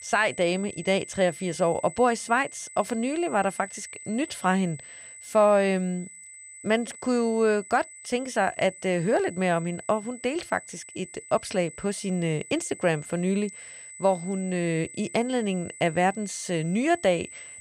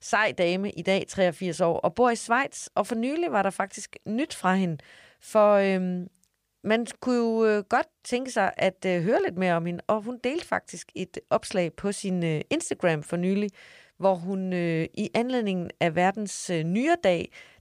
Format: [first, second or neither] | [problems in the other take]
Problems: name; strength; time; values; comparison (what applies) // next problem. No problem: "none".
second | high-pitched whine; noticeable; throughout; 8 kHz, 15 dB below the speech